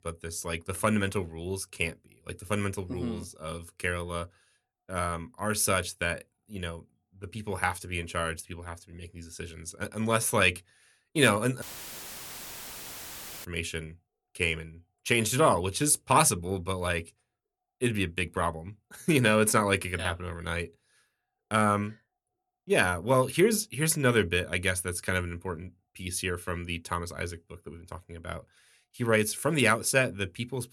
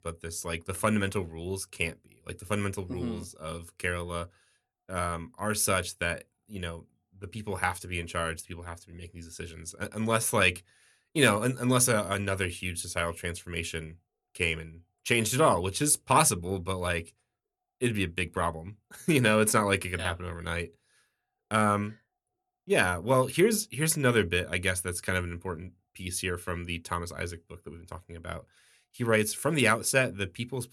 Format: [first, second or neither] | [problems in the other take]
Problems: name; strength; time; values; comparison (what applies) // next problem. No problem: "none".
second | audio cutting out; filled with static; at 12 s for 2 s